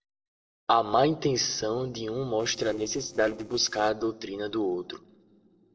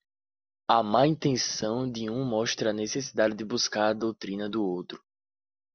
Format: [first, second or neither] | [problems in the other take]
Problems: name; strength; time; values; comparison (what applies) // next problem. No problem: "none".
second | noise reduction (neural separator model SepFormer DNS4)